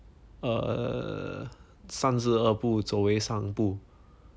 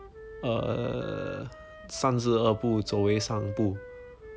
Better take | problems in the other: first | background sound (Wind instrument, woodwind instrument); 15 dB below the speech

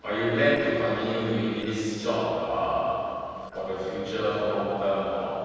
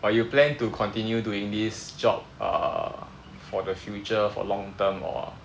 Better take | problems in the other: second | noise reduction (neural separator model SepFormer DNS4)

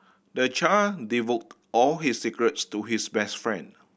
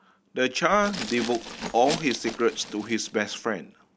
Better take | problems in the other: first | background sound (Glass); 12 dB below the speech

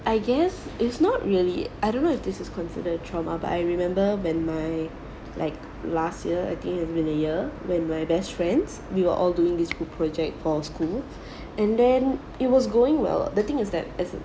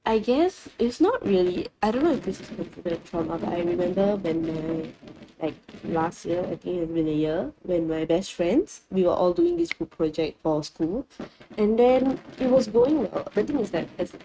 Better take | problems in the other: first | noise reduction (neural mask model RNNoise)

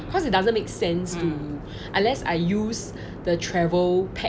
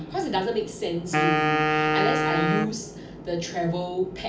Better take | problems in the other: first | background sound (Wind instrument, woodwind instrument); 3 dB above the speech // room echo; dies away in 0.4 s

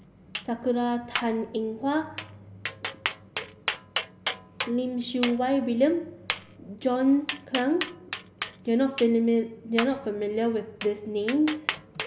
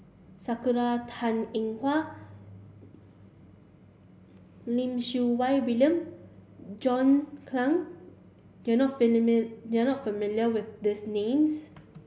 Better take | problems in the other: second | background sound (Tap); 9 dB below the speech

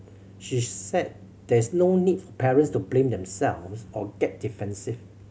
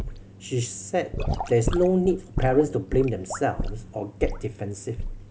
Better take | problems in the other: first | background sound (Sink (filling or washing) / Gurgling / Liquid); 6 dB below the speech

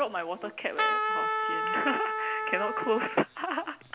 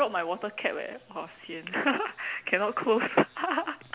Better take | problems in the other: second | background sound (Trumpet); 1 dB above the speech

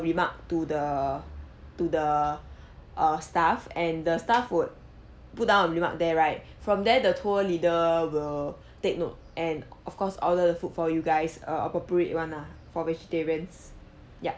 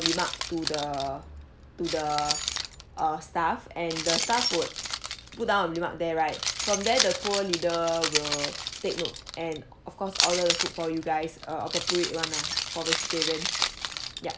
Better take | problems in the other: first | background sound (Keys jangling); 2 dB below the speech

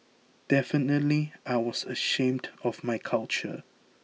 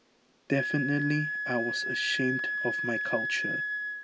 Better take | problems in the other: first | background sound (Wind instrument, woodwind instrument); as loud as the speech

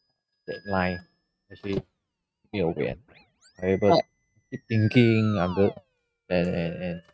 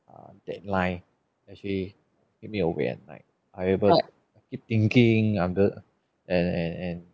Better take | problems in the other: second | noise reduction (neural mask model RNNoise)

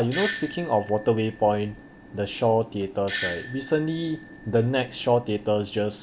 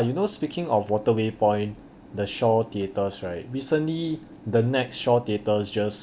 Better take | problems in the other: second | background sound (Doorbell); 13 dB below the speech

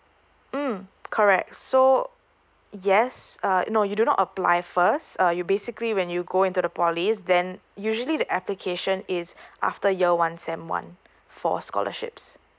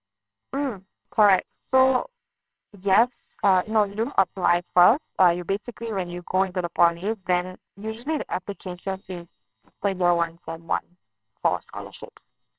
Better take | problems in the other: first | noise reduction (neural separator model SepFormer WHAMR!)

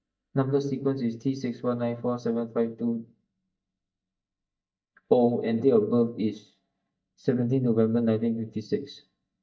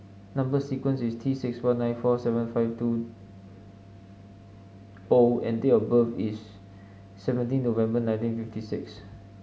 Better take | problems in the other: second | noise reduction (neural mask model DeepFilterNet 3)

